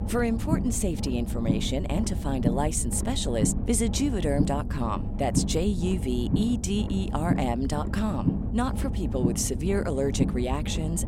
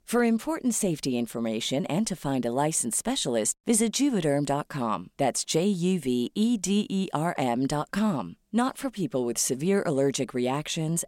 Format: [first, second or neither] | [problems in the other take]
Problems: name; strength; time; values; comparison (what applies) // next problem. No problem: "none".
second | low rumble; loud; throughout; 7 dB below the speech